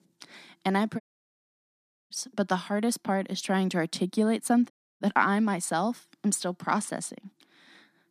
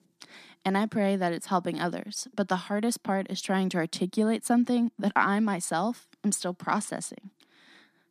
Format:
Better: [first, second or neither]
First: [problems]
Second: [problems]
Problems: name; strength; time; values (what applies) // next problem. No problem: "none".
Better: second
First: audio cutting out; at 1 s for 1 s and at 4.5 s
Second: none